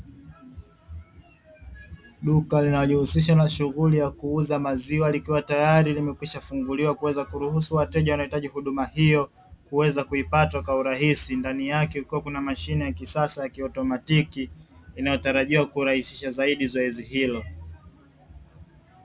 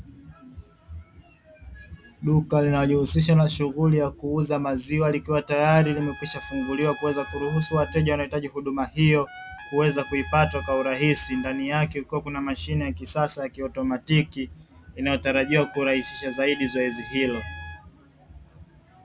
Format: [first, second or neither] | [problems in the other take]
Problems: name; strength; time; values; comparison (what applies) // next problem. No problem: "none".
first | background sound (Trumpet); 16 dB below the speech